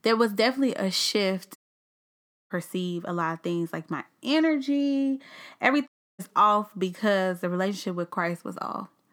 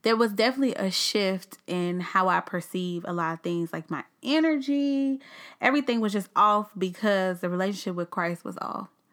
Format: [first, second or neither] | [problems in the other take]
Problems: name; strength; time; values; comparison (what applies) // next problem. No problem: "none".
second | audio cutting out; at 1.5 s for 1 s and at 6 s